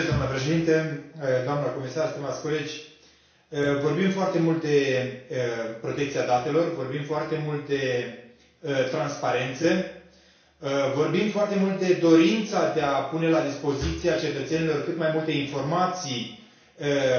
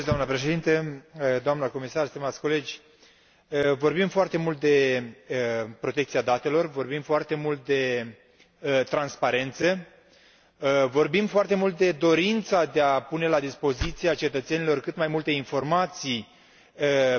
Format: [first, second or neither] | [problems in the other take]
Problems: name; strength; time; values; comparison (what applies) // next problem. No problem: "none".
second | room echo; dies away in 0.6 s